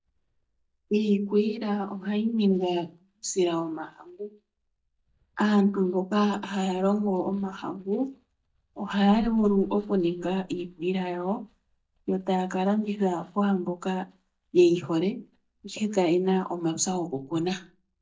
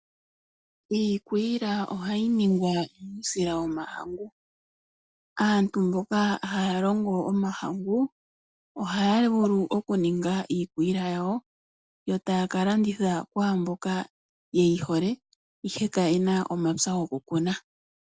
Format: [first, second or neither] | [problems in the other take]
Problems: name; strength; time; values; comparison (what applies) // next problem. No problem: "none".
second | noise reduction (neural mask model DeepFilterNet 3)